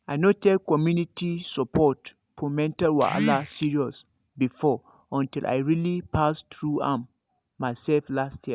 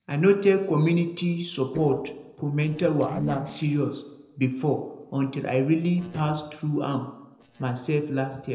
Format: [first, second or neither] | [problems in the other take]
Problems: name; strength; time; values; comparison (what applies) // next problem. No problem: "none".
first | noise reduction (neural separator model SepFormer DNS4)